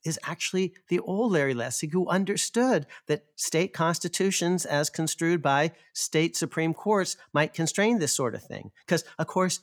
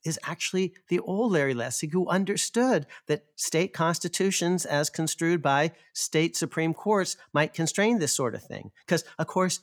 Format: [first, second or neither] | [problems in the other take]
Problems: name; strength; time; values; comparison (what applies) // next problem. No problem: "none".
neither | none